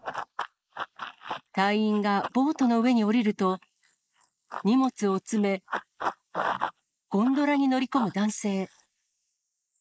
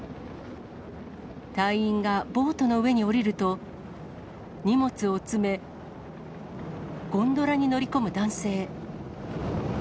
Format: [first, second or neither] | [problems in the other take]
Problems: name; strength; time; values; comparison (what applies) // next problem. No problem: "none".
second | noise reduction (neural mask model Resemble Enhance denoiser)